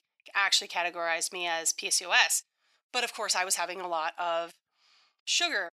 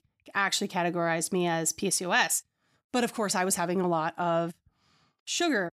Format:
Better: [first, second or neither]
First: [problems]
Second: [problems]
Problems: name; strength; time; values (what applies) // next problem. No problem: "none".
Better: second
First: thin; very; fading below 700 Hz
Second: none